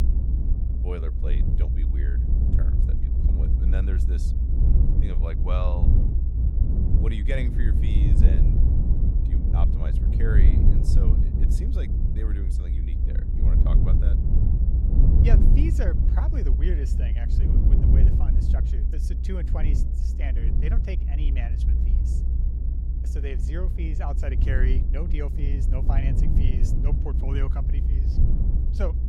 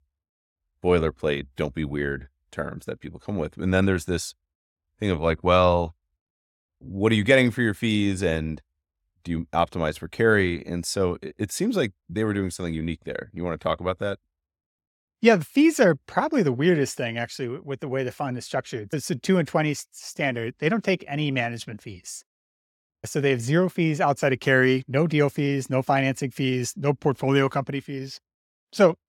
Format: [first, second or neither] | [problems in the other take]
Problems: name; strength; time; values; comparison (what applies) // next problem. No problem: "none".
second | low rumble; loud; throughout; 1 dB below the speech